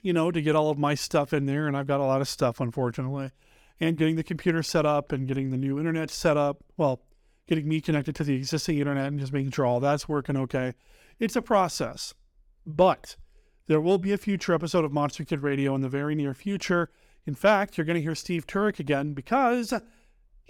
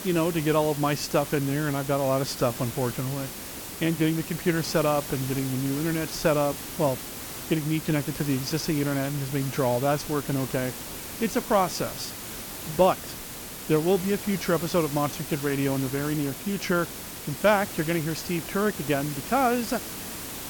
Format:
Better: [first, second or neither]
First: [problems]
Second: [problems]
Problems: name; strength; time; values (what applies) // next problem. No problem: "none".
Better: first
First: none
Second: hiss; loud; throughout; 8 dB below the speech